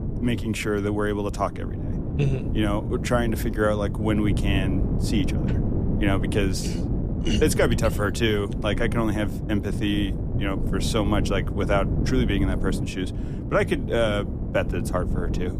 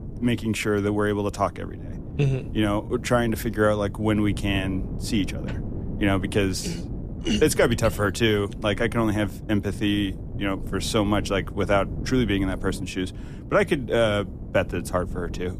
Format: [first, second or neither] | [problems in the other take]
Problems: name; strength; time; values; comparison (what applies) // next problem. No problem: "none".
second | wind noise on the microphone; heavy; 9 dB below the speech; occasional gusts in the second